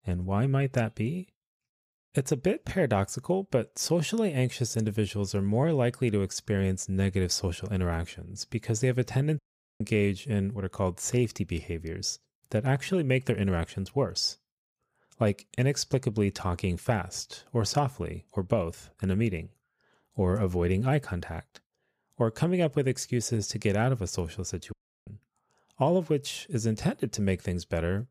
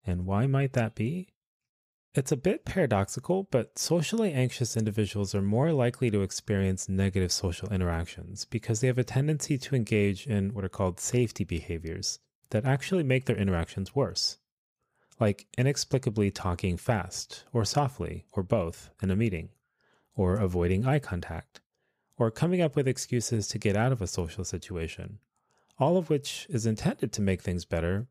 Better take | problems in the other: second | audio cutting out; at 9.5 s and at 25 s

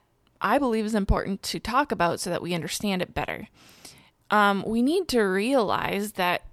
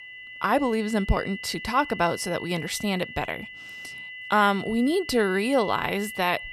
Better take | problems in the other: first | high-pitched whine; noticeable; throughout; 2 kHz, 10 dB below the speech

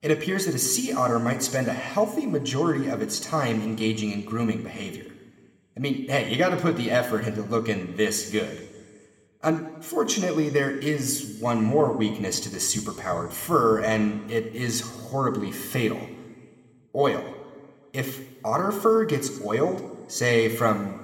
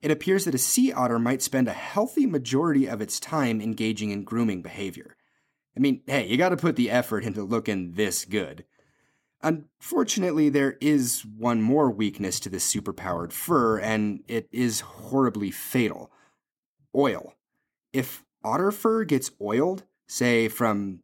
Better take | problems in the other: second | room echo; slight; dies away in 1.2 s

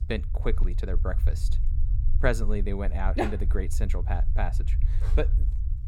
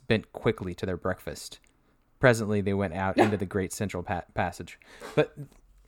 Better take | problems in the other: second | low rumble; noticeable; throughout; 15 dB below the speech

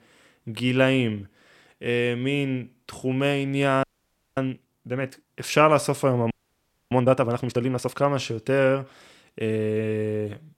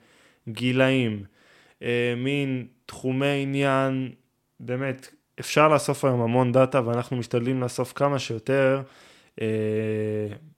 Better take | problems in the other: second | audio freezing; at 4 s for 0.5 s and at 6.5 s for 0.5 s

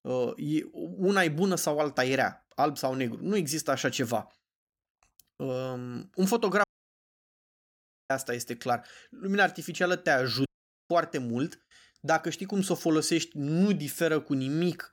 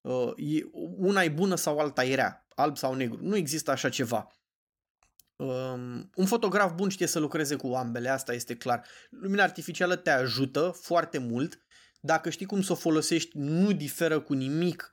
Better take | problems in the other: second | audio cutting out; at 6.5 s for 1.5 s and at 10 s

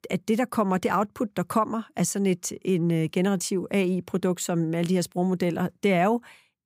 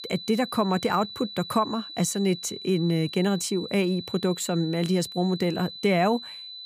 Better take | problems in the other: first | high-pitched whine; noticeable; throughout; 4 kHz, 10 dB below the speech

